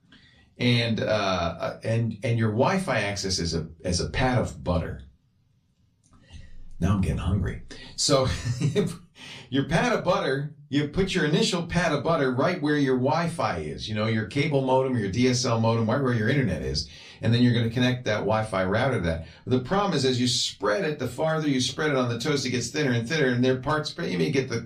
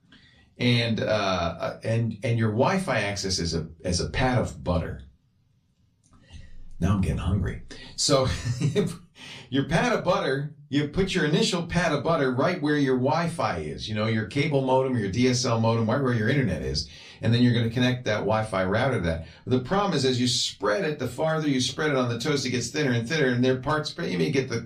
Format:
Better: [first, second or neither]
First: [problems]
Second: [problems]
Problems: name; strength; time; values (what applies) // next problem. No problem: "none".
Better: neither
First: off-mic speech; far // room echo; very slight; dies away in 0.2 s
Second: off-mic speech; far // room echo; very slight; dies away in 0.2 s